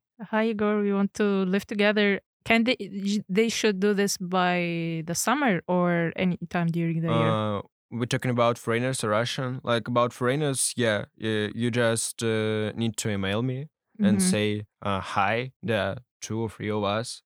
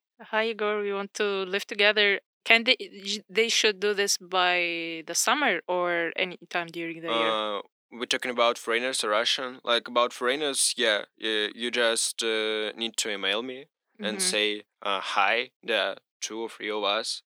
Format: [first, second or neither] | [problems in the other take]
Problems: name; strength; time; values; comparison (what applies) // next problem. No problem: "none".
first | thin; somewhat; fading below 300 Hz